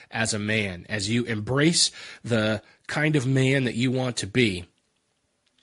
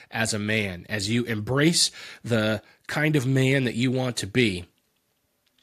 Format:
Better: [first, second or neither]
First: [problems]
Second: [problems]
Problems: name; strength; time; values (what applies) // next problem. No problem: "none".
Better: second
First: garbled, watery; slightly; nothing above 10.5 kHz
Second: none